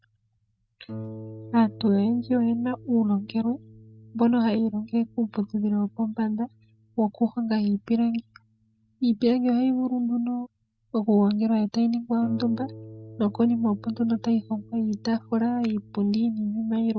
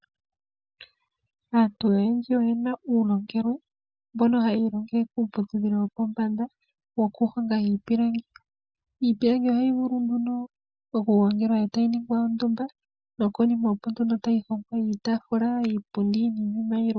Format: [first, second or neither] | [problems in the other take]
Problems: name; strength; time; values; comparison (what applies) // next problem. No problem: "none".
second | background sound (Harp); 20 dB below the speech